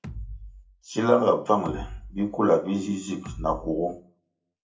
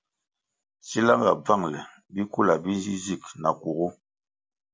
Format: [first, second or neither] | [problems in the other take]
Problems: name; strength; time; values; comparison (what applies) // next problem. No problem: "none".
second | background sound (Bass drum); 15 dB below the speech // room echo; dies away in 0.3 s